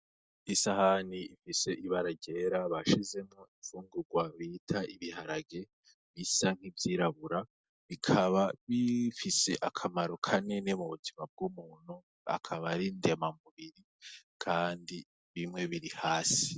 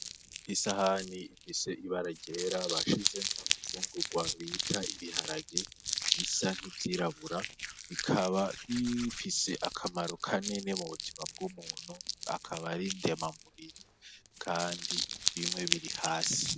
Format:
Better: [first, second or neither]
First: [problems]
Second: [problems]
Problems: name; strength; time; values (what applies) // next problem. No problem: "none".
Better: first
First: none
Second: background sound (Crumpling, crinkling); 3 dB below the speech